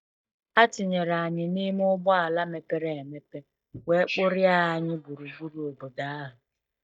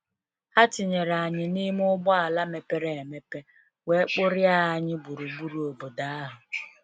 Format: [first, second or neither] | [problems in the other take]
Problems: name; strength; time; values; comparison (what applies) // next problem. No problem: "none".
second | noise reduction (neural mask model DeepFilterNet 3)